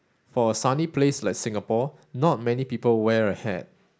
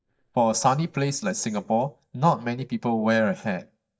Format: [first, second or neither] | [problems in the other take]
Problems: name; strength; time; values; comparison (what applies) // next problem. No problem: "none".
first | noise reduction (neural mask model DeepFilterNet 3)